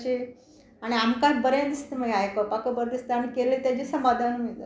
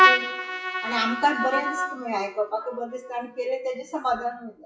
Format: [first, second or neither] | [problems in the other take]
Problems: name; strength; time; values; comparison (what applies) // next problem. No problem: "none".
first | noise reduction (classical method WPE with log-MMSE)